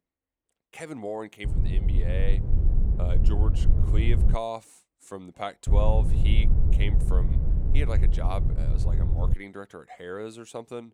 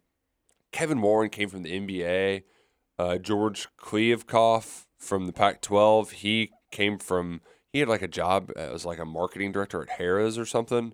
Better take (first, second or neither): second